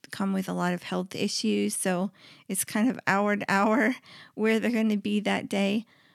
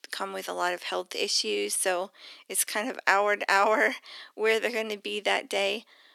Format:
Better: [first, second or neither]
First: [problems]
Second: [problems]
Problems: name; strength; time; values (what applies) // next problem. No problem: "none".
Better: first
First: none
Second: thin; very; fading below 400 Hz